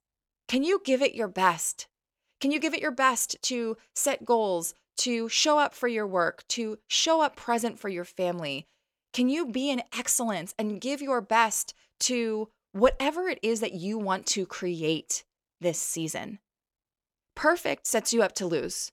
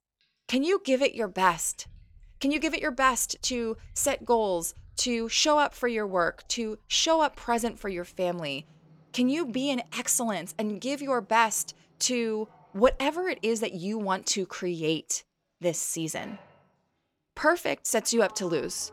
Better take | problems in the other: first | household noises; faint; throughout; 30 dB below the speech

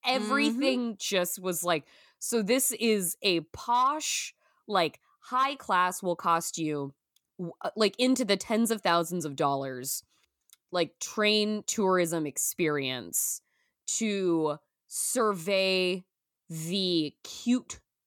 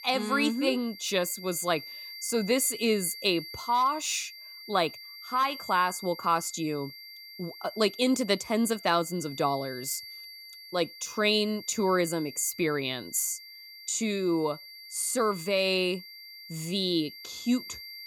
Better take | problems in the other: first | high-pitched whine; noticeable; throughout; 4.5 kHz, 15 dB below the speech

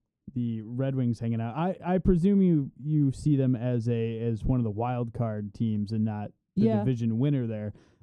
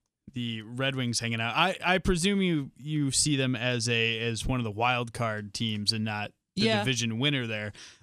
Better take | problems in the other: second | muffled; very; fading above 1 kHz

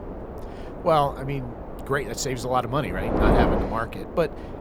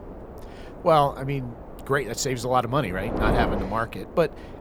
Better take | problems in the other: second | wind noise on the microphone; heavy; 5 dB below the speech; occasional gusts in the second

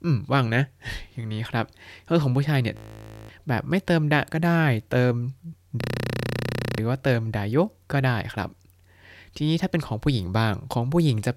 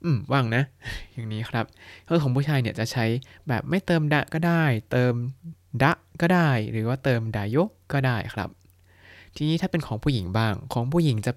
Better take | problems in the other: second | audio freezing; at 3 s for 0.5 s and at 6 s for 1 s

